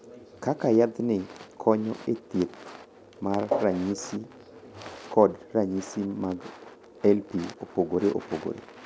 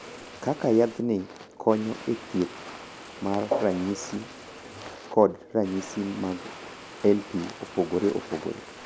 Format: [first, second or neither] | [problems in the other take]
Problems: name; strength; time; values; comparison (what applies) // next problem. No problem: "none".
first | background sound (Water); 17 dB below the speech